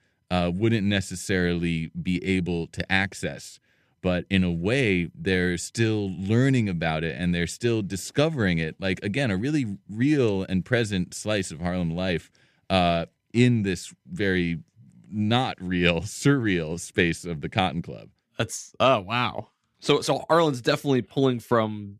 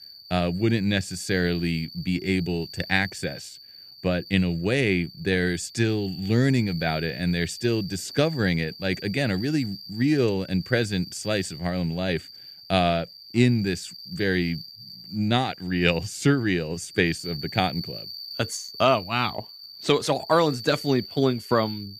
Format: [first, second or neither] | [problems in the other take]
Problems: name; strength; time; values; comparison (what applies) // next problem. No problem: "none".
first | animal sounds; noticeable; throughout; 15 dB below the speech